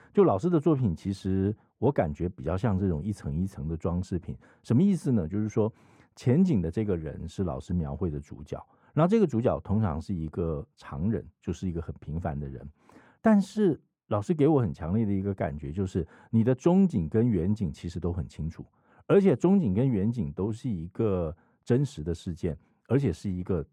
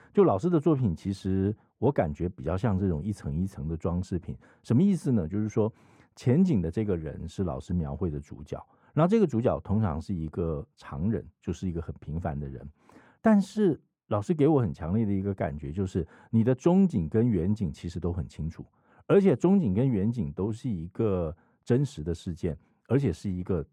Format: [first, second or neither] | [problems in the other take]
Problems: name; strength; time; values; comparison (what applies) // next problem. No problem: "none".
neither | muffled; very; fading above 2 kHz; the same in both